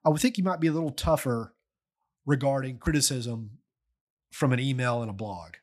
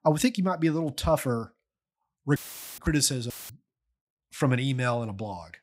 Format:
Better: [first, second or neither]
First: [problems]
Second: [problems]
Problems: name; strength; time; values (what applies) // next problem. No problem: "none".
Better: first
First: none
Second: audio cutting out; filled with static; at 2.5 s and at 3.5 s